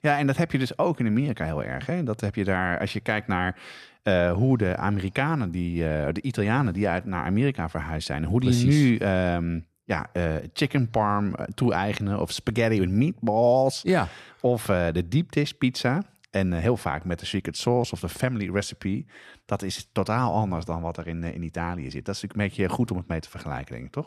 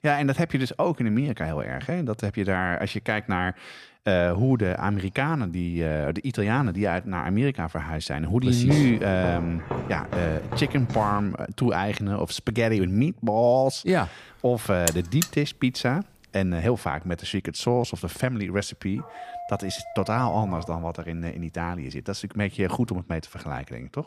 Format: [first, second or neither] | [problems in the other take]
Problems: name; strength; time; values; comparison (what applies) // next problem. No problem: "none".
first | footsteps; noticeable; from 8.5 to 11 s; peak 5 dB below the speech // alarm; noticeable; at 15 s; peak level with the speech // dog barking; faint; from 19 to 21 s; peak 10 dB below the speech